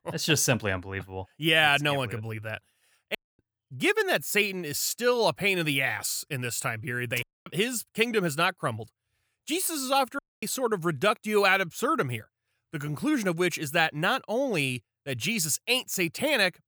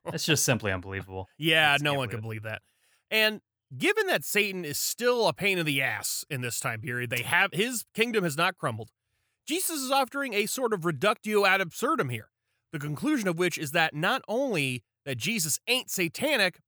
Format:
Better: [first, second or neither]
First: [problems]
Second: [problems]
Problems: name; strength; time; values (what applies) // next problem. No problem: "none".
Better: second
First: audio cutting out; at 3 s, at 7 s and at 10 s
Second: none